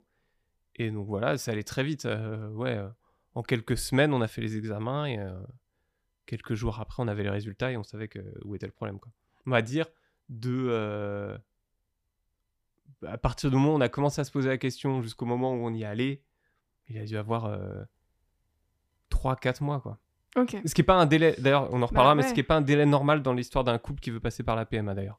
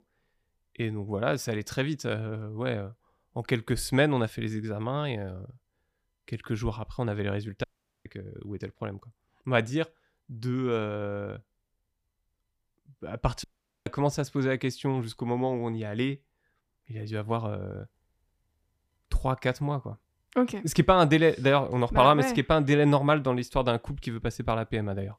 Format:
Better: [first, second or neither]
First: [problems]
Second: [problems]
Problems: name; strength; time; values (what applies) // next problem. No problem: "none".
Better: first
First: none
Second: audio cutting out; at 7.5 s and at 13 s